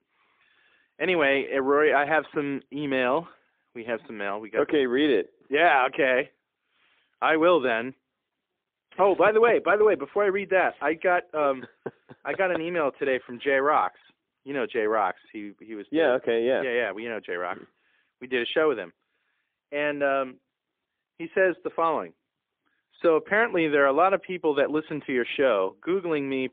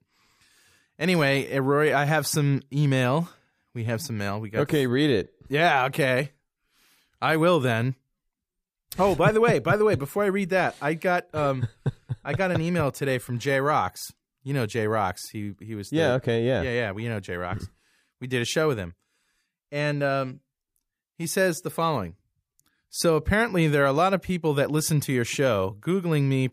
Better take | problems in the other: second | phone-call audio; poor line; nothing above 3.5 kHz

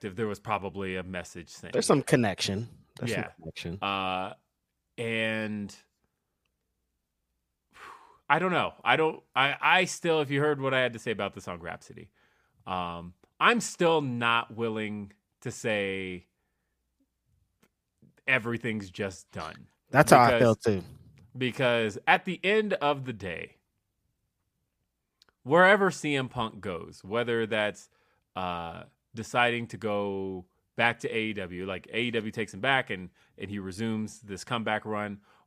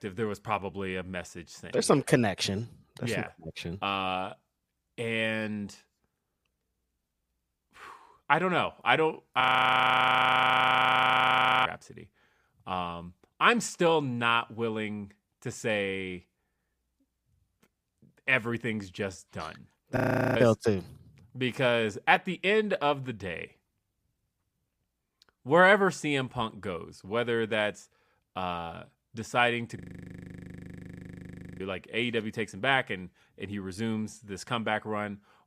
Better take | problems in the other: first | audio freezing; at 9.5 s for 2 s, at 20 s and at 30 s for 2 s

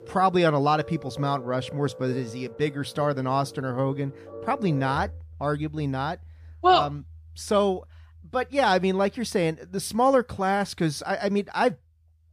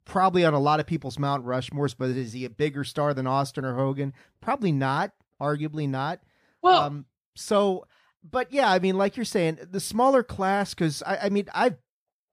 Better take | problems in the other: second | background music; noticeable; throughout; 20 dB below the speech

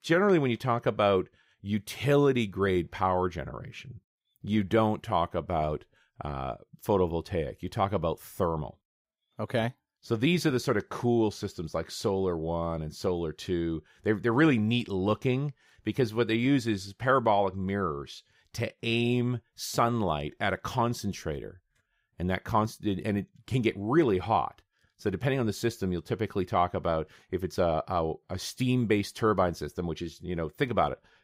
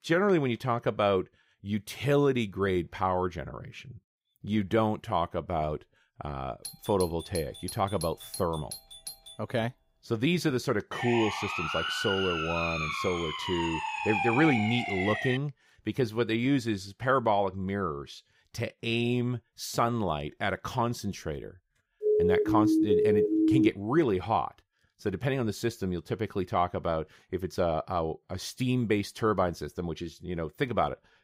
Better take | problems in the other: first | doorbell; noticeable; from 6.5 to 9.5 s; peak 9 dB below the speech // siren; loud; from 11 to 15 s and from 22 to 24 s; peak 6 dB above the speech

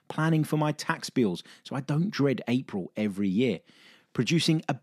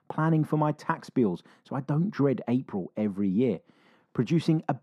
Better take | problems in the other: first | muffled; slightly; fading above 1.5 kHz

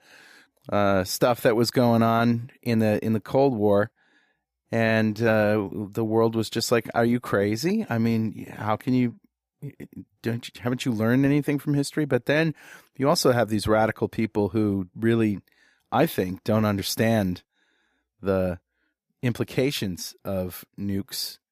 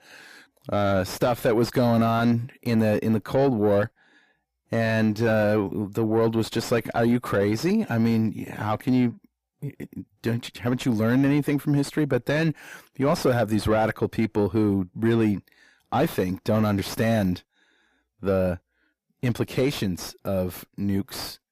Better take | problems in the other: first | distortion; slight; 10 dB below the speech

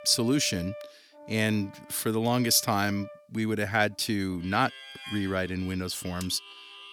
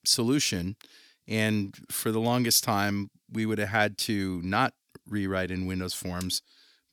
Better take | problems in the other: second | background music; noticeable; throughout; 15 dB below the speech

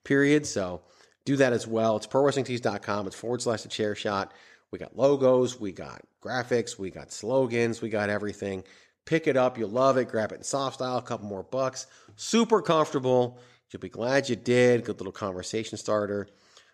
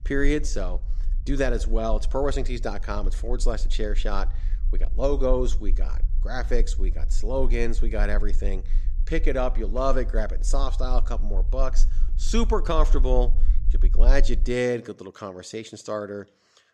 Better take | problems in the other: first | low rumble; faint; until 14 s; 25 dB below the speech

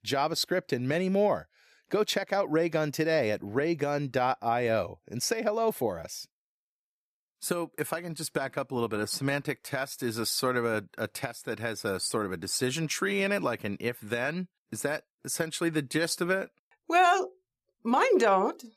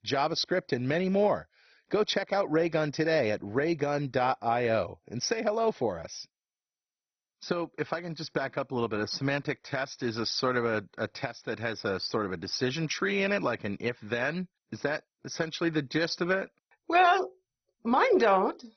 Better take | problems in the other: first | garbled, watery; badly; nothing above 6 kHz

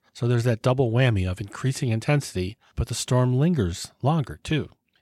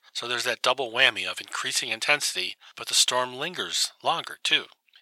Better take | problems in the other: first | thin; very; fading below 1 kHz

